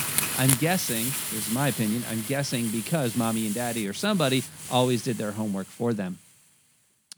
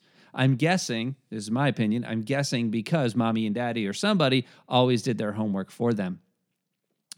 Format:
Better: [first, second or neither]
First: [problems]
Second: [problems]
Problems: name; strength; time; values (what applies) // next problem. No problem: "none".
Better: second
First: hiss; loud; throughout; 3 dB below the speech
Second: none